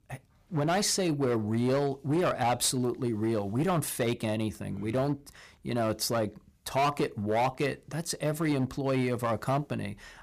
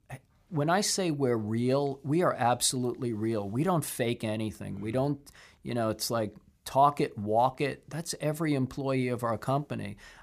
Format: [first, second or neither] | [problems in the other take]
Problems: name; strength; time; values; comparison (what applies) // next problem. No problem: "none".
second | distortion; slight; 9% of the sound clipped